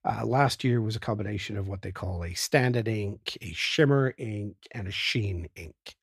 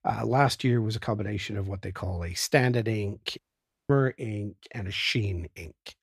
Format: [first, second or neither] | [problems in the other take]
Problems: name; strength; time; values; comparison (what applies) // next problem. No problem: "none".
first | audio cutting out; at 3.5 s for 0.5 s